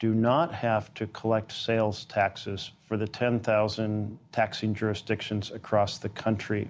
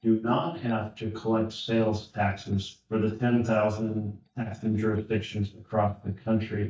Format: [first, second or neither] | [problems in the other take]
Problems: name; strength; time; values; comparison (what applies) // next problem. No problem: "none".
first | noise reduction (neural mask model DeepFilterNet 3)